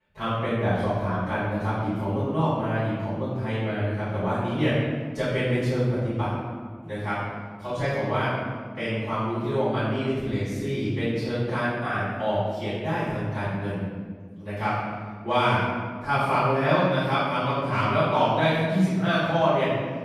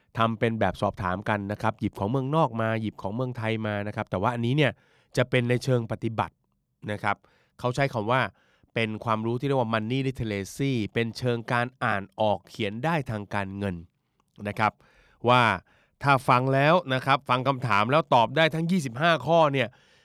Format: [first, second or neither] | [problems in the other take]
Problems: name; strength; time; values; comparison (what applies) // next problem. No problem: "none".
second | off-mic speech; far // room echo; strong; dies away in 1.7 s